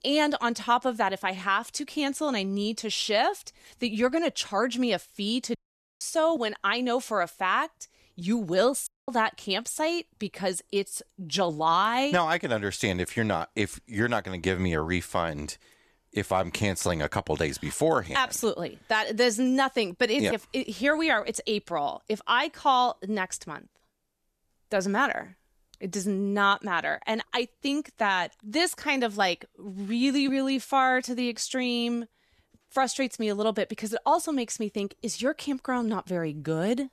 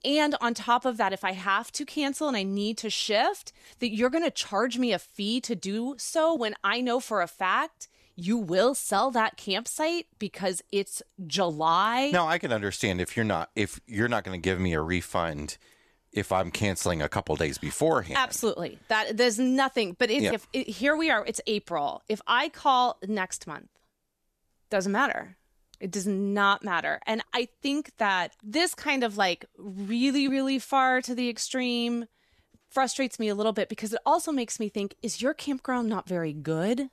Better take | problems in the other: second | audio cutting out; at 5.5 s and at 9 s

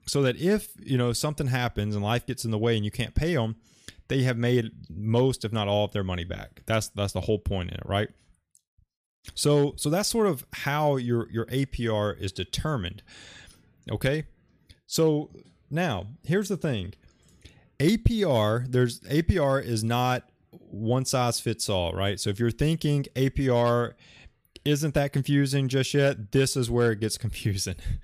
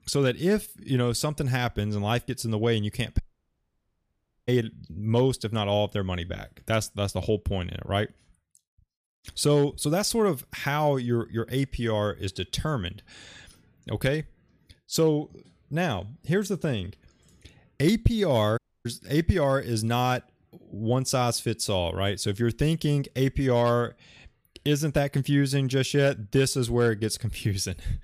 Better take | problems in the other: first | audio cutting out; at 3 s for 1.5 s and at 19 s

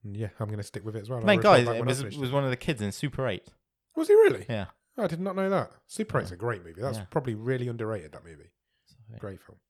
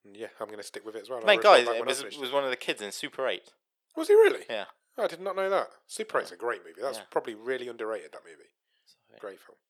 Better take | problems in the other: first | thin; very; fading below 400 Hz

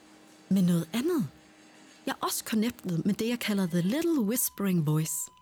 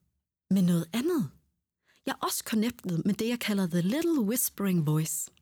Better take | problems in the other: second | alarms or sirens; faint; throughout; 25 dB below the speech

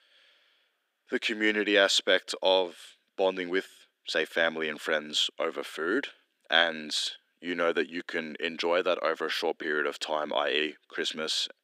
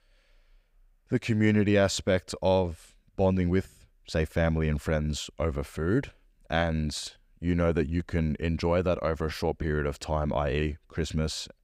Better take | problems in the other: second | thin; somewhat; fading below 300 Hz

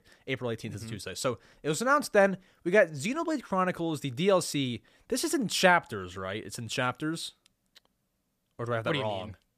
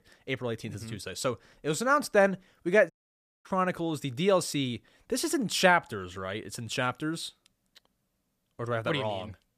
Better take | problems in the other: first | audio cutting out; at 3 s for 0.5 s

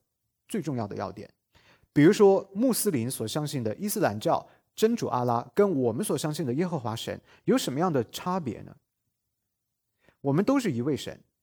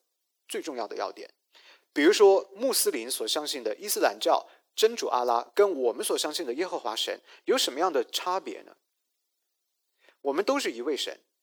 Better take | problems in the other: first | thin; somewhat; fading below 350 Hz

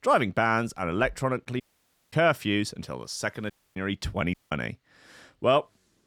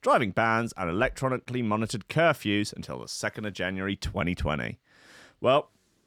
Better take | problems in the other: second | audio cutting out; at 1.5 s for 0.5 s, at 3.5 s and at 4.5 s

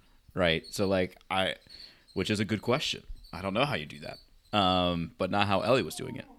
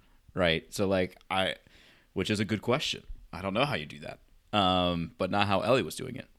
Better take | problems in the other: second | animal sounds; faint; throughout; 20 dB below the speech

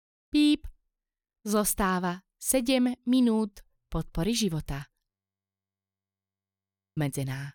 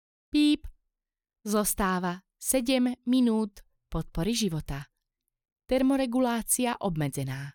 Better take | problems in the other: second | audio freezing; at 5 s for 2 s

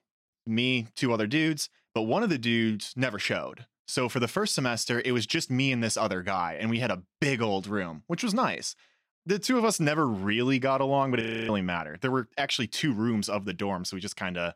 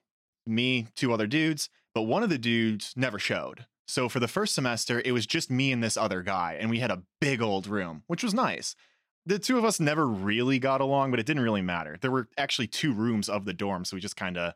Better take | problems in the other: second | audio freezing; at 11 s

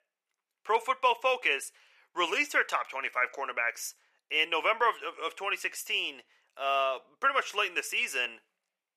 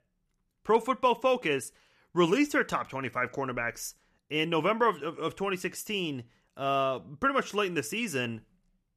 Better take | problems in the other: second | thin; very; fading below 550 Hz

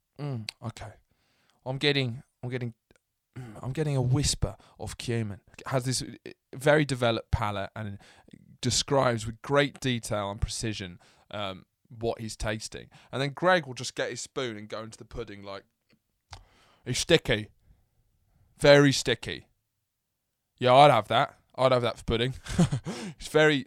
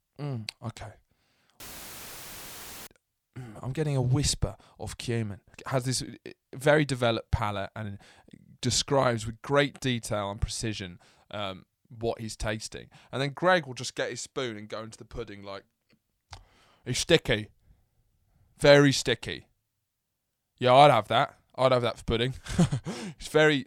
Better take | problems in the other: first | audio cutting out; filled with static; at 1.5 s for 1.5 s

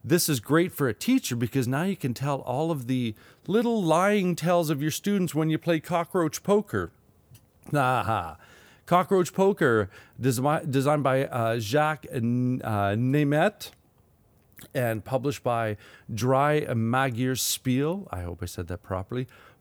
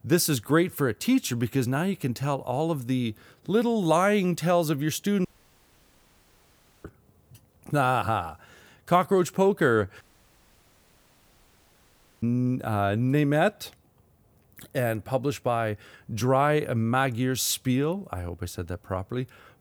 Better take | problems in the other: first | audio cutting out; at 5.5 s for 1.5 s and at 10 s for 2 s

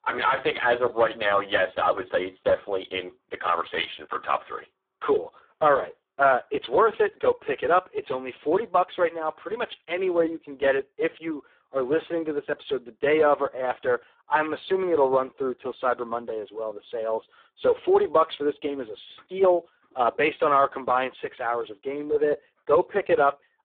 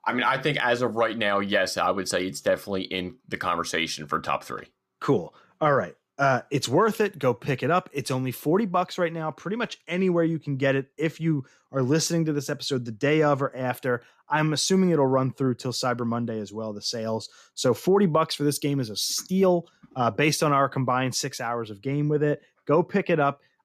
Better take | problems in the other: second | phone-call audio; poor line

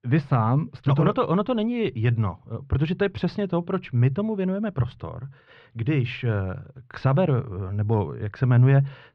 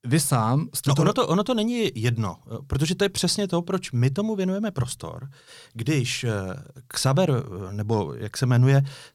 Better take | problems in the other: second | muffled; very; fading above 2.5 kHz

